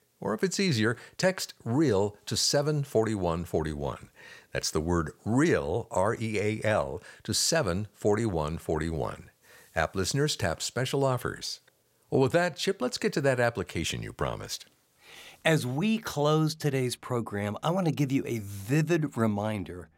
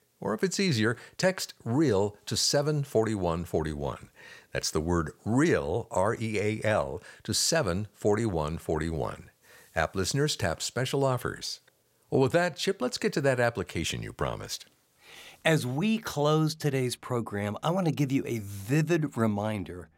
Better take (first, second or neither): neither